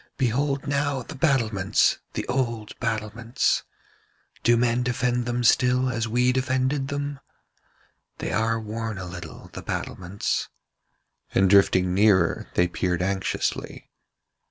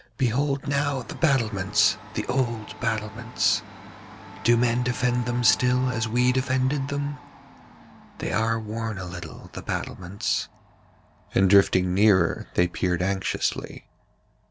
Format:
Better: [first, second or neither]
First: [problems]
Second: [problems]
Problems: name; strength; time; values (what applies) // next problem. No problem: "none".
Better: first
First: none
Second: background sound (Domestic sounds, home sounds); 19 dB below the speech